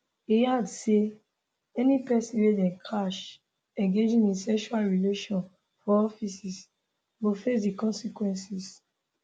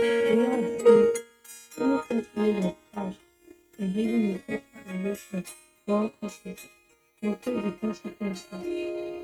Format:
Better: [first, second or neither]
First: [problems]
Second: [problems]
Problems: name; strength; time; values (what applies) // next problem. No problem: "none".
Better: first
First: none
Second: noise reduction (neural mask model RNNoise)